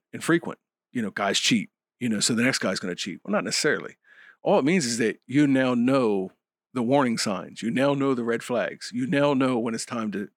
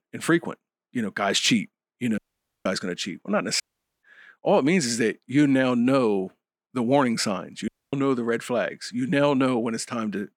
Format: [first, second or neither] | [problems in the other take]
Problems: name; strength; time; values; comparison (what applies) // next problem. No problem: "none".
first | audio cutting out; at 2 s, at 3.5 s and at 7.5 s